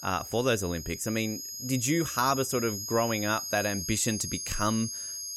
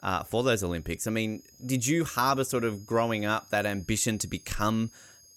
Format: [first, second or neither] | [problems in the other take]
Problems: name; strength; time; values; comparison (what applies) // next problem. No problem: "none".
second | high-pitched whine; loud; throughout; 6.5 kHz, 6 dB below the speech; faint in the second